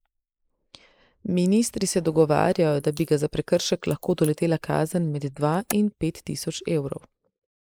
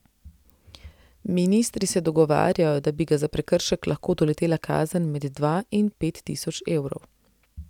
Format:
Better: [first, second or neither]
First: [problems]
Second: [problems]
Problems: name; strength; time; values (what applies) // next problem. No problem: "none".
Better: second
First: noise reduction (neural mask model Resemble Enhance denoiser)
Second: none